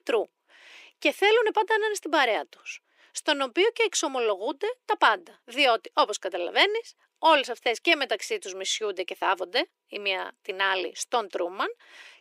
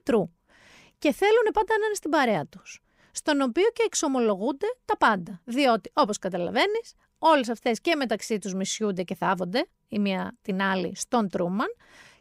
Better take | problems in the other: second | thin; somewhat; fading below 350 Hz

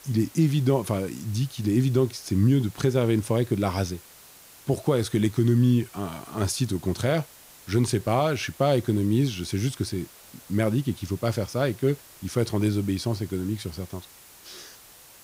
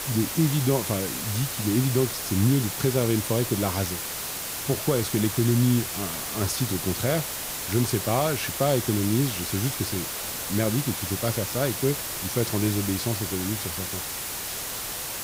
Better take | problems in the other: first | hiss; loud; throughout; 3 dB below the speech; faint in the first

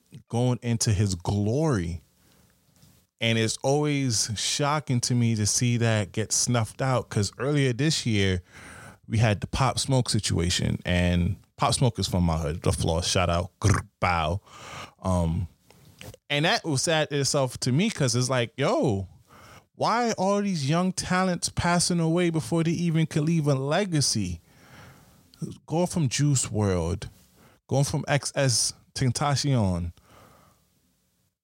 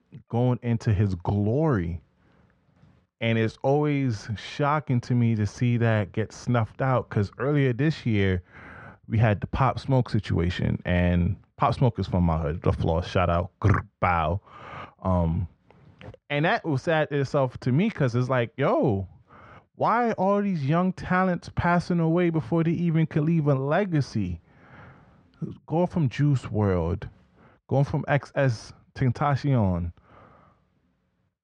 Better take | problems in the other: first | muffled; very; fading above 1.5 kHz

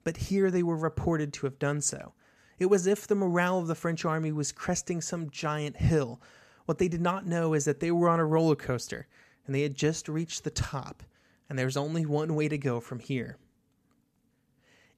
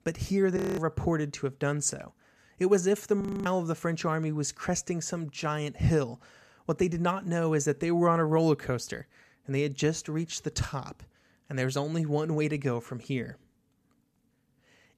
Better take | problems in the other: first | audio freezing; at 0.5 s and at 3 s

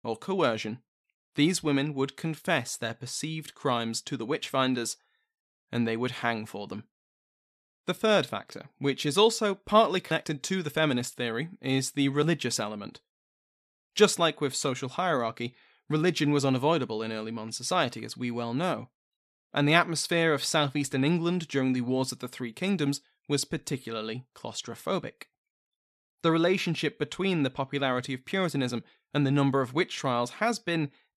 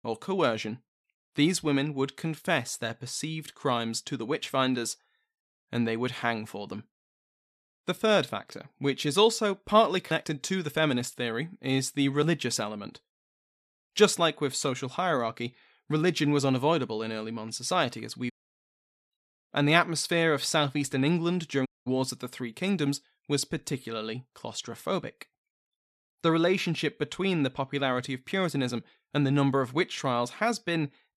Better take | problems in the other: first | audio cutting out; at 18 s for 1 s and at 22 s

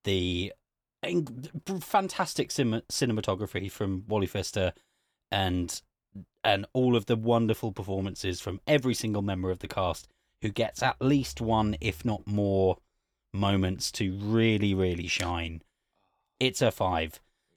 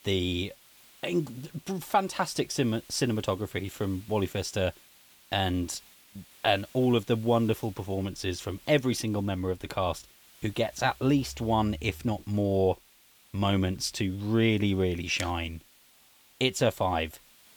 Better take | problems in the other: first | hiss; faint; throughout; 25 dB below the speech

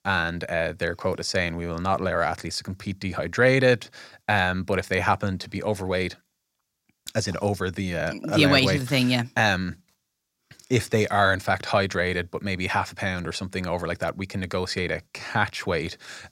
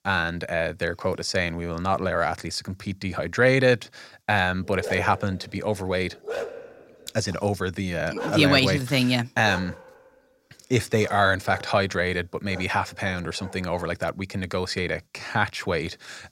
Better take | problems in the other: first | dog barking; noticeable; from 4.5 to 14 s; peak 7 dB below the speech

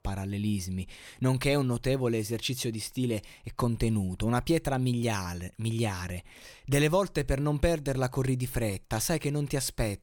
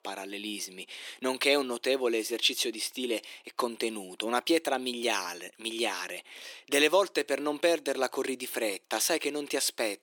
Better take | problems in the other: first | thin; somewhat; fading below 300 Hz

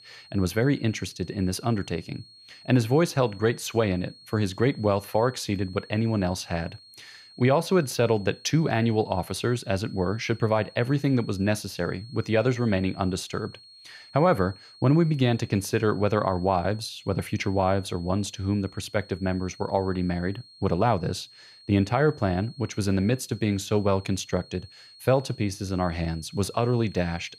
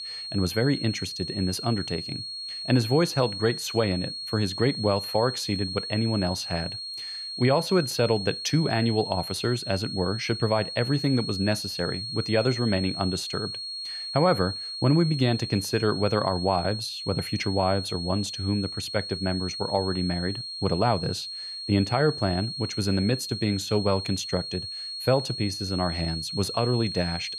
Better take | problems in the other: first | high-pitched whine; loud; throughout; 4.5 kHz, 6 dB below the speech; faint in the first

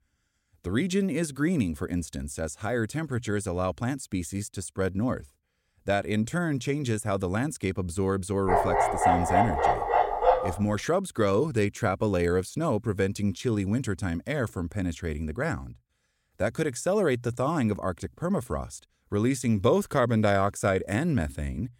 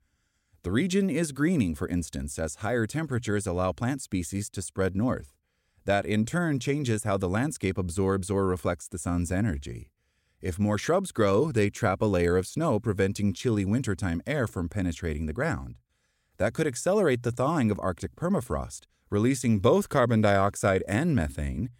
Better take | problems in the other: second | dog barking; loud; from 8.5 to 11 s; peak 5 dB above the speech

